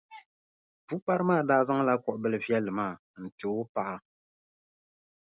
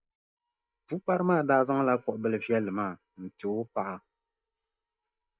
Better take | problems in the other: first | noise reduction (neural mask model DeepFilterNet 3)

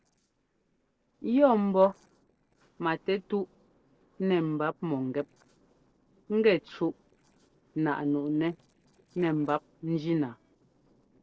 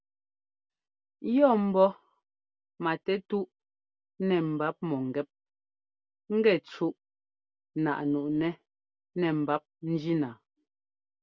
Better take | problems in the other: second | noise reduction (neural separator model SepFormer DNS4)

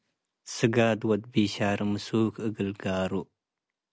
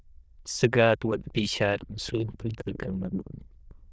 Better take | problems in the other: first | noise reduction (neural diffusion model UNIVERSE++)

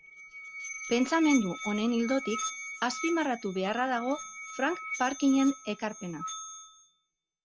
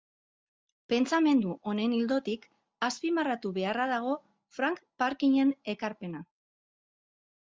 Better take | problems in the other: second | background sound (Musical instrument); 10 dB below the speech

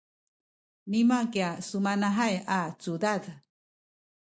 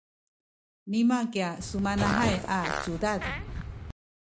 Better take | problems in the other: first | background sound (Fart); 3 dB below the speech

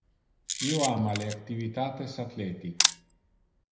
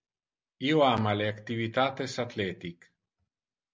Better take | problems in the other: second | background sound (Camera); 1 dB below the speech // room echo; dies away in 0.8 s

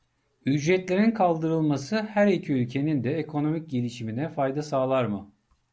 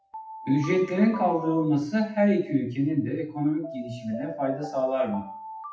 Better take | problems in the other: first | noise reduction (classical method WPE with log-MMSE)

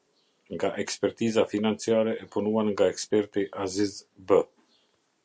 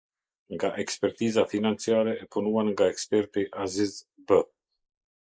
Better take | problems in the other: first | noise reduction (neural mask model Resemble Enhance denoiser)

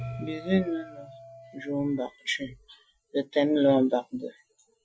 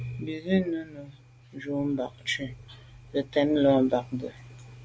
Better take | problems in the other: second | noise reduction (classical method Wiener filter)

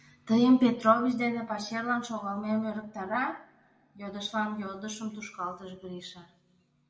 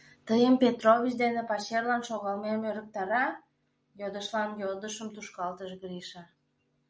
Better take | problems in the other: second | room echo; dies away in 0.9 s

